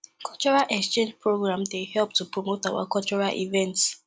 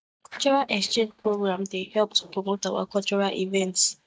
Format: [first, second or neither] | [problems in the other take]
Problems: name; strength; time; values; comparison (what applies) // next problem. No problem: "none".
first | noise reduction (neural mask model DeepFilterNet 3)